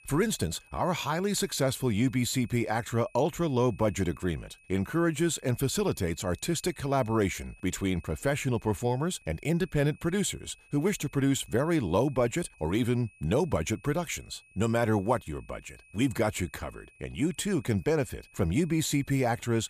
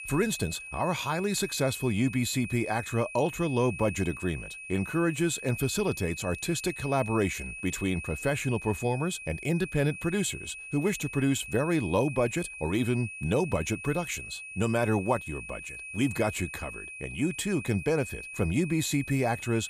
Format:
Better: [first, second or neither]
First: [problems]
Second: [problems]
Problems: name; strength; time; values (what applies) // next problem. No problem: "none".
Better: first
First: high-pitched whine; faint; throughout; 2.5 kHz, 25 dB below the speech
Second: high-pitched whine; loud; throughout; 2.5 kHz, 10 dB below the speech